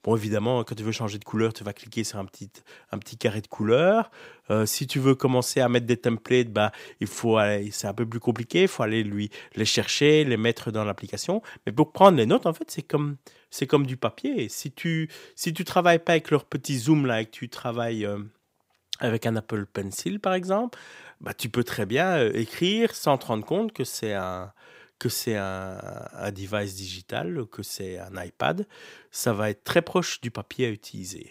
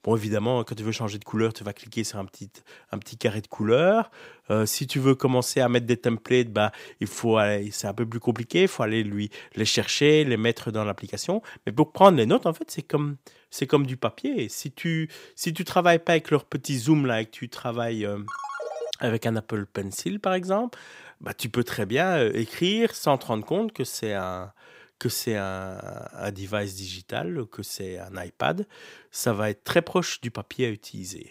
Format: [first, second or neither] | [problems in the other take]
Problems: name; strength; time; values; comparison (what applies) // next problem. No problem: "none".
first | phone ringing; noticeable; at 18 s; peak 8 dB below the speech